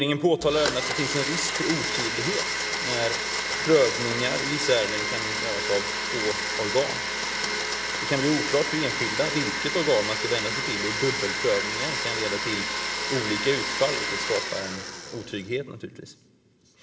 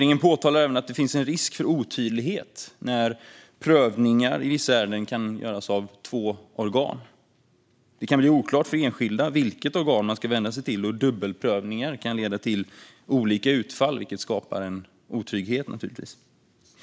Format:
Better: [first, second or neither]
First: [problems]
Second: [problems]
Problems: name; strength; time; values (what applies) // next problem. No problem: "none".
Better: second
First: background sound (Domestic sounds, home sounds); 1 dB below the speech // room echo; dies away in 1.7 s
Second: none